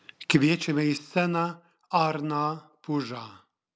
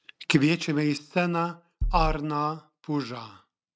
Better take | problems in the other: first | noise reduction (neural mask model RNNoise)

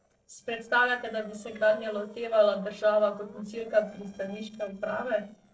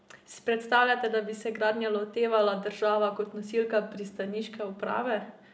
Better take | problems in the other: second | noise reduction (neural separator model SepFormer DNS4)

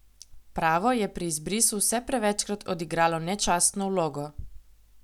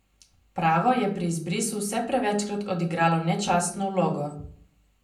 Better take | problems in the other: first | room echo; dies away in 0.6 s

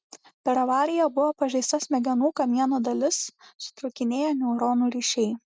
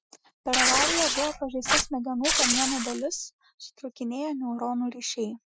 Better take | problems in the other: first | noise reduction (classical method Wiener filter)

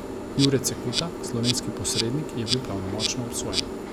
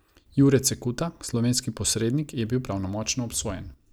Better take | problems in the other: second | background sound (Insect); 2 dB below the speech

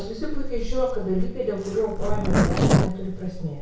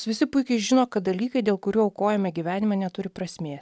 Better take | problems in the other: second | background sound (Zipper (clothing)); 4 dB above the speech // room echo; dies away in 0.6 s

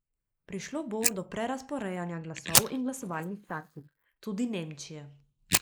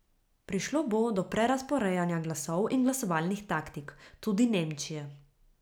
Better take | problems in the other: second | noise reduction (neural mask model Resemble Enhance denoiser)

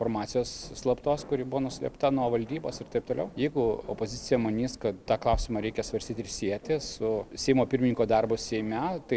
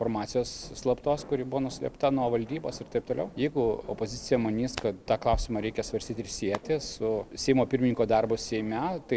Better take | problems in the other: first | background sound (Hands); 18 dB below the speech

